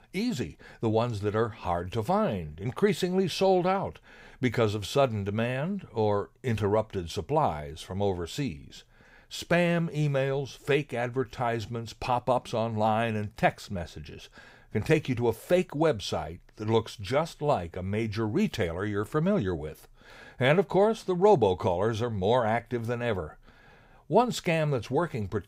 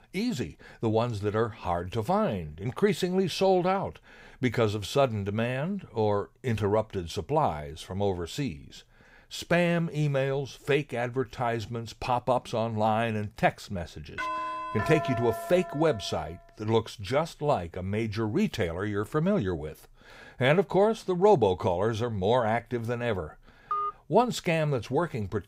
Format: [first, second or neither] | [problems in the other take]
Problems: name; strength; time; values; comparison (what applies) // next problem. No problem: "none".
first | doorbell; noticeable; from 14 to 16 s; peak 4 dB below the speech // phone ringing; noticeable; at 24 s; peak 3 dB below the speech